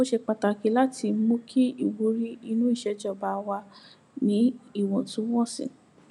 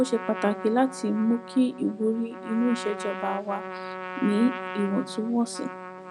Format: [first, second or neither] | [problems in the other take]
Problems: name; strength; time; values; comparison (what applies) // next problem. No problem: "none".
first | background sound (Trumpet); 10 dB below the speech